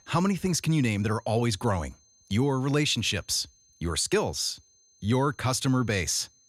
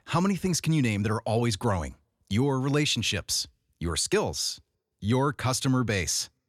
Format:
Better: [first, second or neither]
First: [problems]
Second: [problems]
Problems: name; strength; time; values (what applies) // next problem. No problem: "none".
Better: second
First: high-pitched whine; faint; throughout; 6.5 kHz, 30 dB below the speech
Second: none